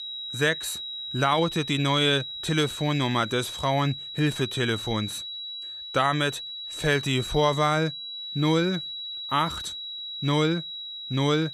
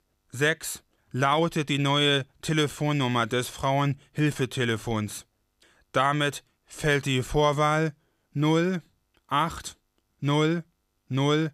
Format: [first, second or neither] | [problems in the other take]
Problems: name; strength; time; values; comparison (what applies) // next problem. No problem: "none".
second | high-pitched whine; loud; throughout; 4 kHz, 8 dB below the speech